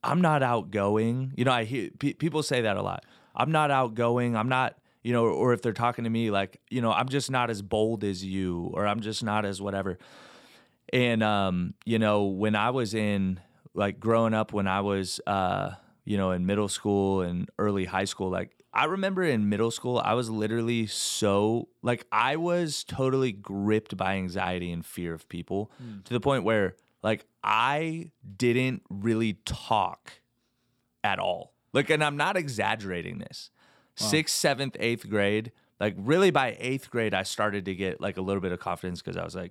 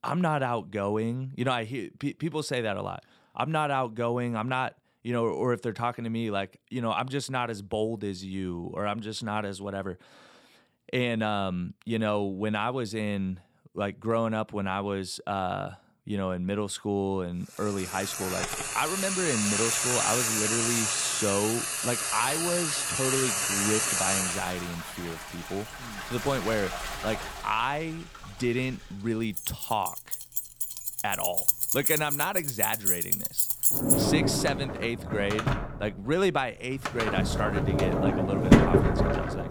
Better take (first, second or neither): first